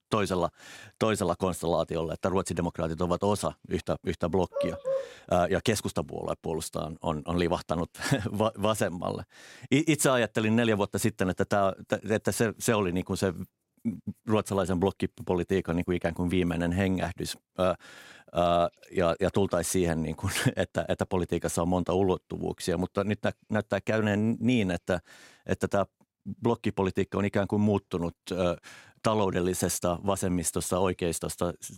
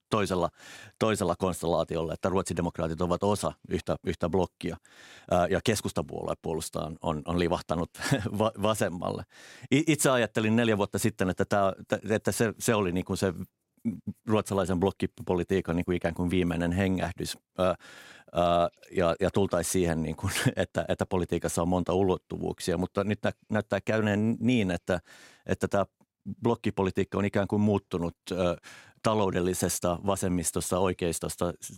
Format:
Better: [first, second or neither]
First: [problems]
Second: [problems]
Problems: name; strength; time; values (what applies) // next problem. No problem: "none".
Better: second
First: dog barking; noticeable; at 4.5 s; peak 2 dB below the speech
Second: none